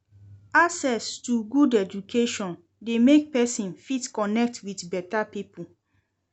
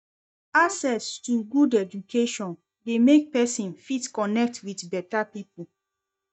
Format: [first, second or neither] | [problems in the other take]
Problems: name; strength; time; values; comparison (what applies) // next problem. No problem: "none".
first | noise reduction (neural mask model DeepFilterNet 3)